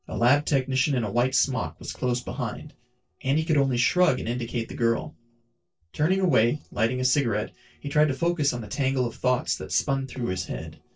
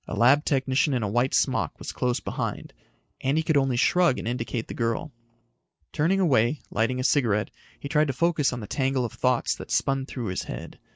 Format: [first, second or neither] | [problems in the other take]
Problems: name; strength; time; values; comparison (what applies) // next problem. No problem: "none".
second | noise reduction (neural separator model SepFormer DNS4)